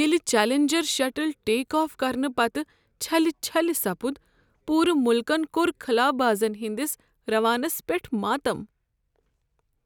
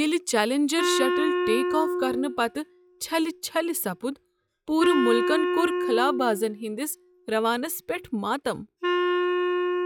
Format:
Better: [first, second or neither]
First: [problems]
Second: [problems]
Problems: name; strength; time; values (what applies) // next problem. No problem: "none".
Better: first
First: none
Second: noise reduction (classical method log-MMSE)